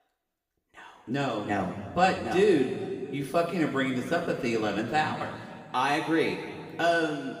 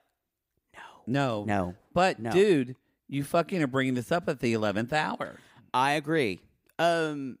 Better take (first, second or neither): second